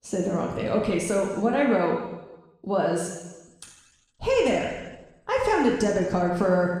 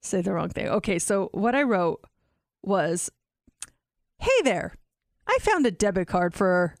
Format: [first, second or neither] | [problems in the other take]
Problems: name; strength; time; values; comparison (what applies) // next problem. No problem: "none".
second | room echo; noticeable; dies away in 1.1 s // off-mic speech; far